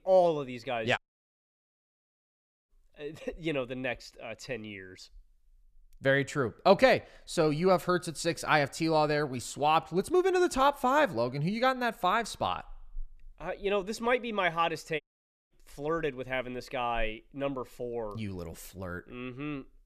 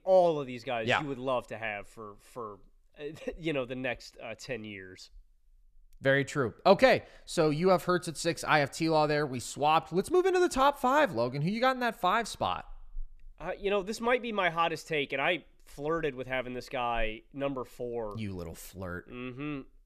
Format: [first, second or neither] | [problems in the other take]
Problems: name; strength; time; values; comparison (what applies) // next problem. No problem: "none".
second | audio cutting out; at 1 s for 1.5 s and at 15 s for 0.5 s